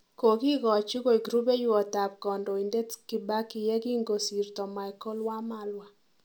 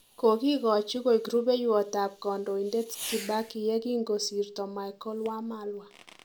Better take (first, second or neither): first